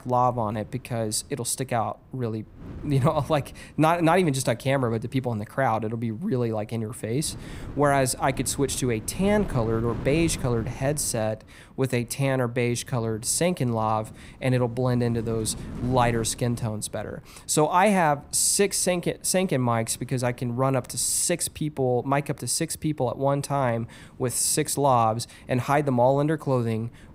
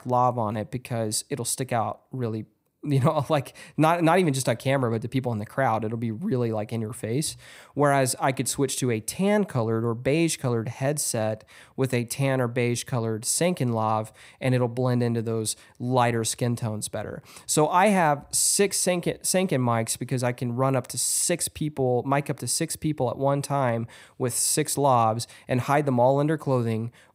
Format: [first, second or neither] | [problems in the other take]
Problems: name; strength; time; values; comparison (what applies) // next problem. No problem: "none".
second | wind noise on the microphone; occasional gusts; 25 dB below the speech